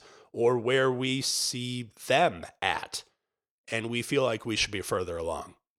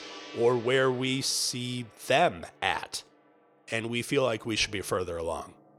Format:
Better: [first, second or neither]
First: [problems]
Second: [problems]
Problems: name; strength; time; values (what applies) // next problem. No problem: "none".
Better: first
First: none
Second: background music; faint; throughout; 20 dB below the speech